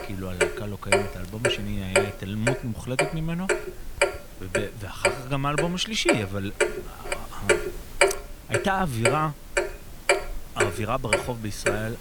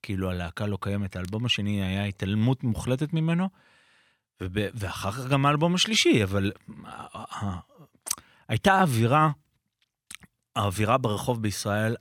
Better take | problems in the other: second | household noises; very loud; throughout; 3 dB above the speech

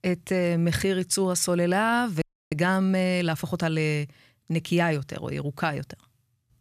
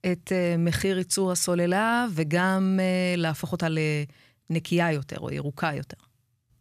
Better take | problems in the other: second | audio freezing; at 2 s

